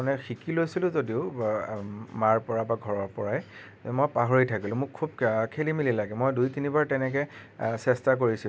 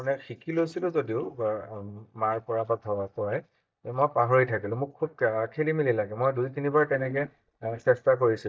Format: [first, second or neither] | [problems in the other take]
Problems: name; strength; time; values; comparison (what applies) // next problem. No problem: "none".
first | noise reduction (neural mask model DeepFilterNet 3)